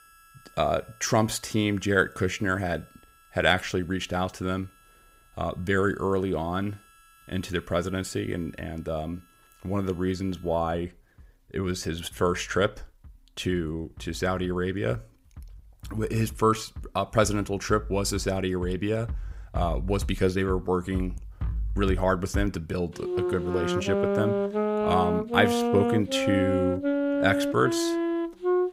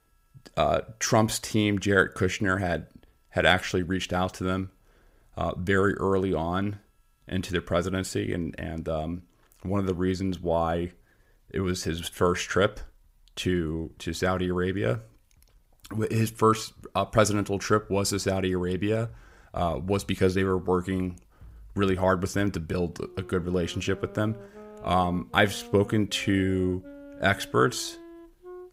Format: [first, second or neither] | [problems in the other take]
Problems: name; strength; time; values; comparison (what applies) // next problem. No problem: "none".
second | background music; loud; throughout; 2 dB below the speech; faint in the second